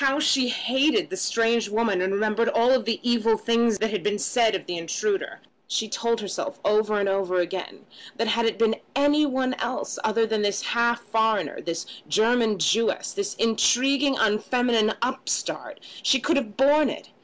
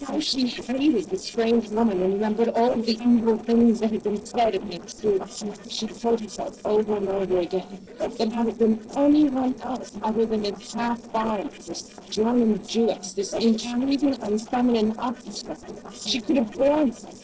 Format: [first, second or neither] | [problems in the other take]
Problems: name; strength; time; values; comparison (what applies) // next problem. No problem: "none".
first | noise reduction (neural separator model SepFormer DNS4)